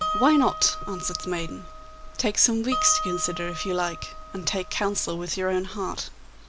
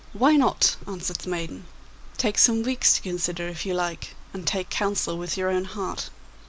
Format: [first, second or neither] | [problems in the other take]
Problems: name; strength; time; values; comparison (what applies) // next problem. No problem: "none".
second | background sound (Harp); 7 dB below the speech